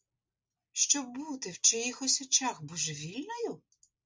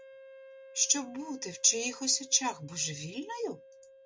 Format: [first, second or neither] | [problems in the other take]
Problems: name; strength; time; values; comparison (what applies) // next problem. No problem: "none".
first | background sound (Wind instrument, woodwind instrument); 19 dB below the speech